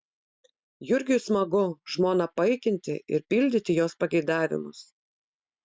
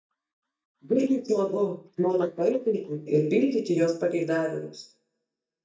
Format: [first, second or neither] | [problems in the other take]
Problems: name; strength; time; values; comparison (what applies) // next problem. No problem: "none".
first | noise reduction (neural mask model DeepFilterNet 3)